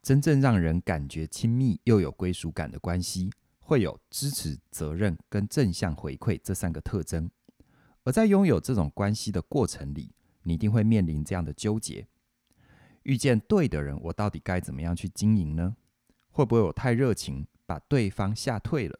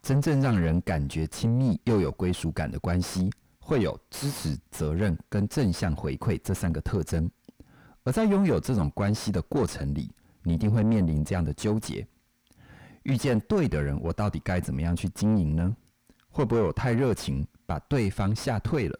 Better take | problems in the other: first | distortion; heavy; 6 dB below the speech

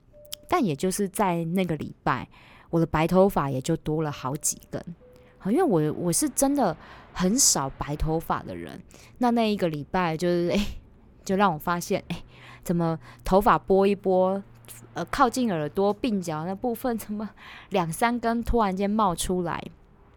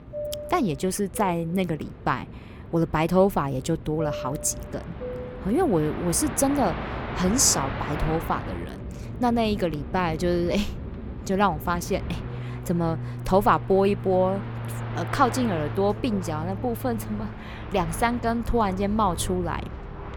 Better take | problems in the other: first | train or aircraft noise; loud; throughout; 10 dB below the speech; faint in the first

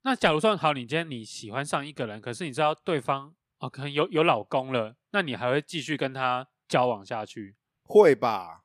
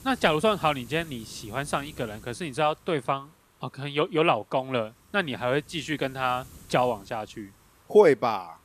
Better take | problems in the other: first | hiss; faint; throughout; 25 dB below the speech

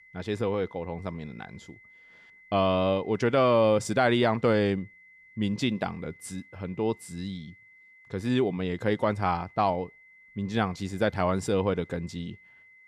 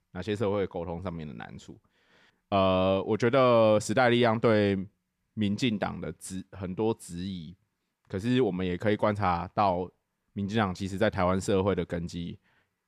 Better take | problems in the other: second | high-pitched whine; faint; throughout; 2 kHz, 25 dB below the speech

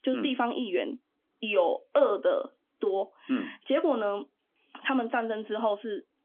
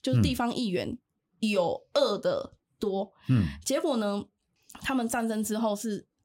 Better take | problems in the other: second | phone-call audio; nothing above 3.5 kHz

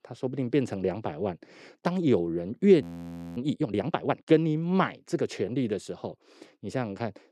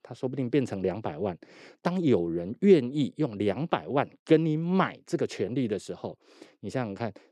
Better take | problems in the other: second | audio freezing; at 3 s for 0.5 s

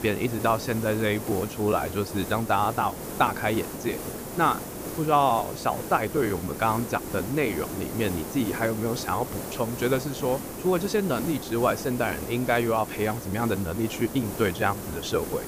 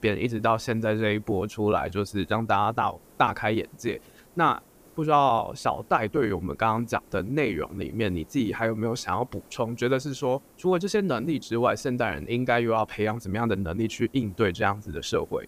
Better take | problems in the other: second | hiss; loud; throughout; 8 dB below the speech; faint in the second

